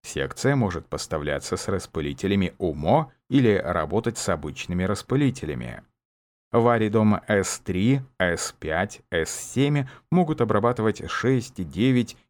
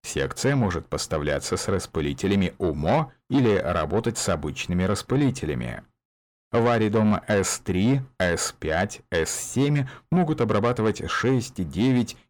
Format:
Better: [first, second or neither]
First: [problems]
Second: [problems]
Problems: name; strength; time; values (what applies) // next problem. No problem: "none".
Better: first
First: none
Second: distortion; slight; 10 dB below the speech